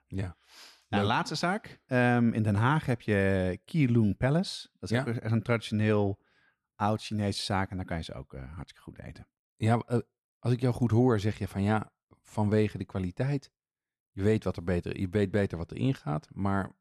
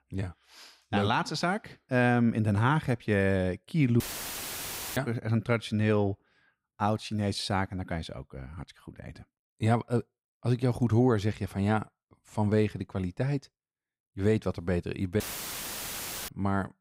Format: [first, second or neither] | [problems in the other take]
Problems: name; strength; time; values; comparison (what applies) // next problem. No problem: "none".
first | audio cutting out; filled with static; at 4 s for 1 s and at 15 s for 1 s